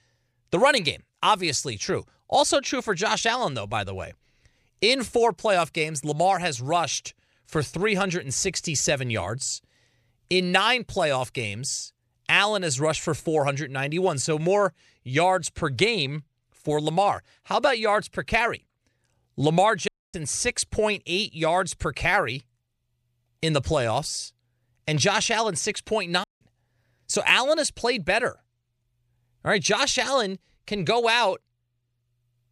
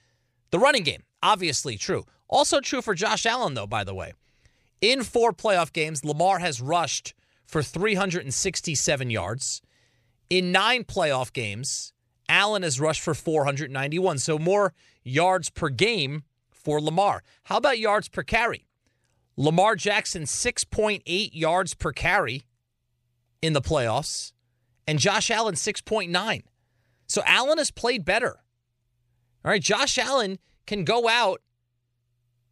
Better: second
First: audio cutting out; at 20 s and at 26 s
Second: none

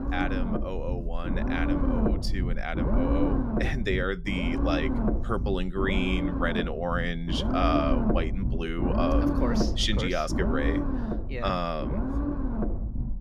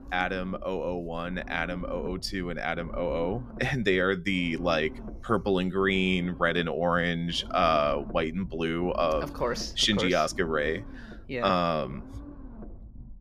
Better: second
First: low rumble; loud; throughout; 3 dB below the speech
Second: low rumble; faint; throughout; 20 dB below the speech

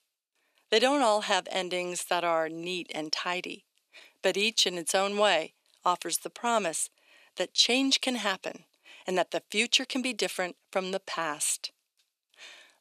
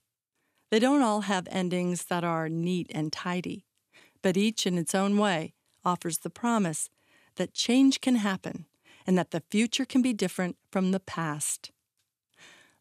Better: second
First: thin; somewhat; fading below 450 Hz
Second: none

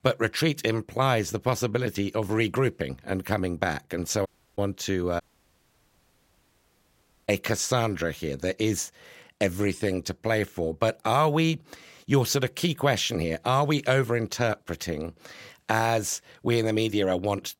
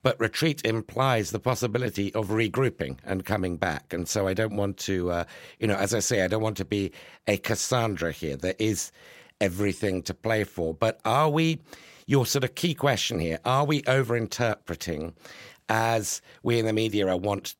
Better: second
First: audio cutting out; at 4.5 s and at 5 s for 2 s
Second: none

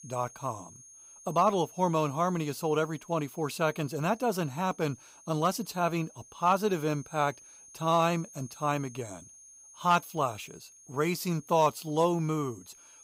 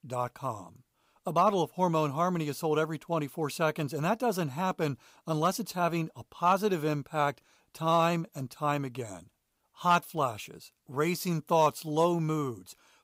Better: second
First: high-pitched whine; faint; throughout; 6.5 kHz, 20 dB below the speech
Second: none

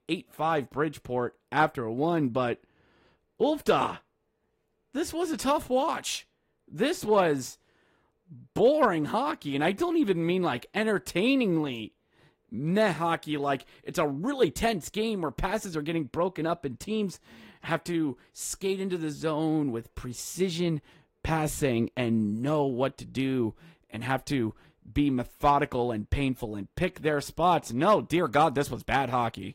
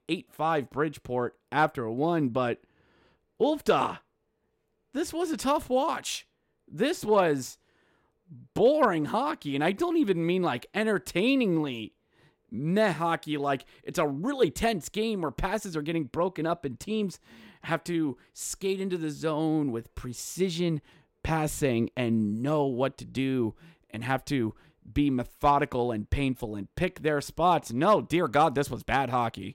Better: second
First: garbled, watery; slightly; nothing above 16 kHz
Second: none

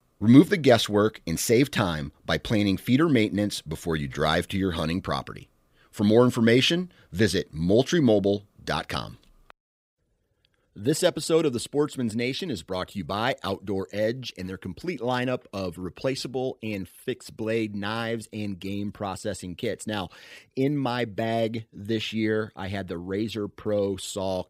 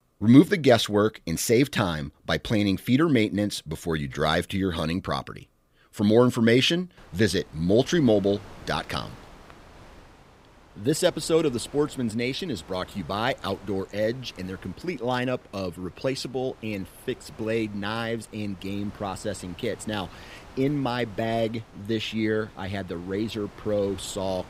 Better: first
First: none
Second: wind noise on the microphone; occasional gusts; from 7 s on; 20 dB below the speech

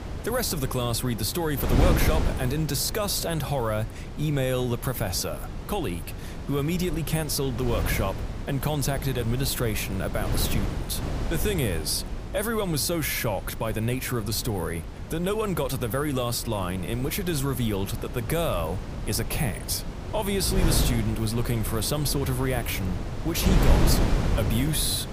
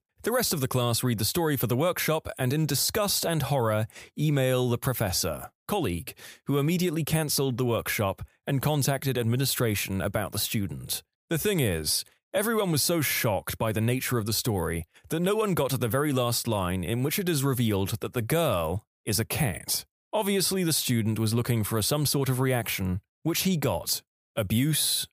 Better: second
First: wind noise on the microphone; heavy; 8 dB below the speech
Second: none

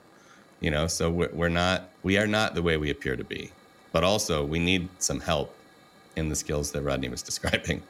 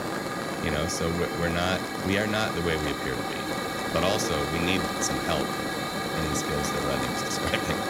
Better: first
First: hiss; faint; throughout; 25 dB below the speech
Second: hiss; loud; throughout; as loud as the speech

